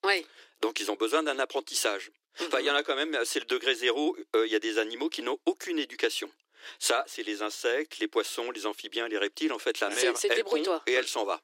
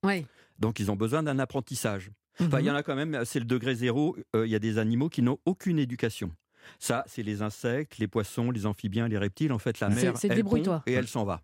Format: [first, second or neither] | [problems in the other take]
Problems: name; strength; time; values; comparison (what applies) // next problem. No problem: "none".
second | thin; very; fading below 300 Hz